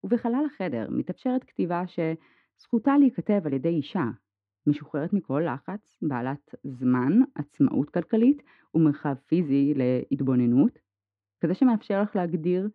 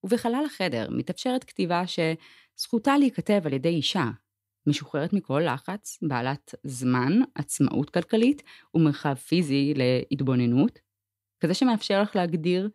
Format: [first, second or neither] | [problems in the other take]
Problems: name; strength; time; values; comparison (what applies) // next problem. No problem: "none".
second | muffled; very; fading above 1.5 kHz